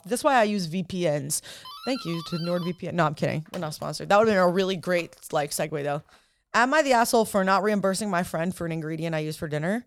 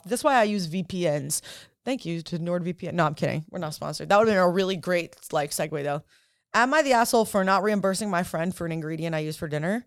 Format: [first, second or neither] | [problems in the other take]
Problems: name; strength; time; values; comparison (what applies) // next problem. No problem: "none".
second | doorbell; faint; from 1.5 to 6 s; peak 10 dB below the speech